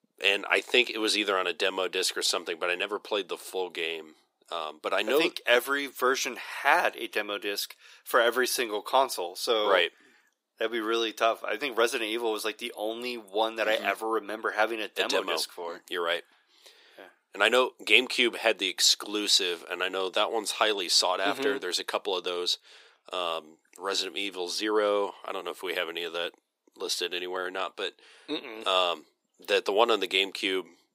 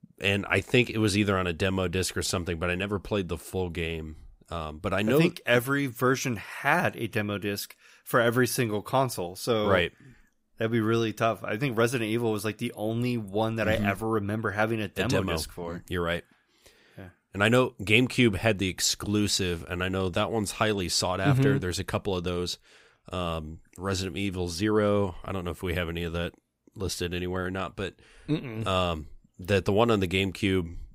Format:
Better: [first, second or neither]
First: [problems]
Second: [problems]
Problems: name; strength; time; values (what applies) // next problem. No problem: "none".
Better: second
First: thin; very; fading below 350 Hz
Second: none